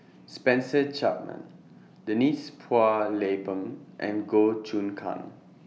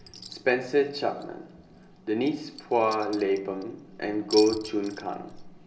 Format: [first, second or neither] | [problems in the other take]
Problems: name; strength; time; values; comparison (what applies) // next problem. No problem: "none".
first | background sound (Chink, clink); 16 dB below the speech // room echo; dies away in 0.8 s